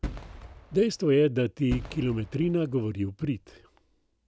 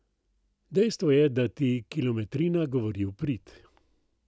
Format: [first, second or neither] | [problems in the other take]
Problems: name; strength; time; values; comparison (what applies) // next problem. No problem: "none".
second | background sound (Fireworks); 12 dB below the speech